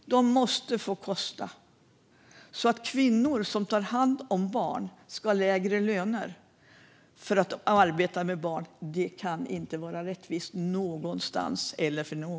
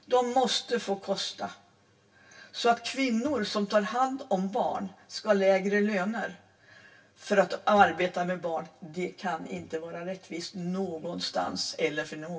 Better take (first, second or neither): first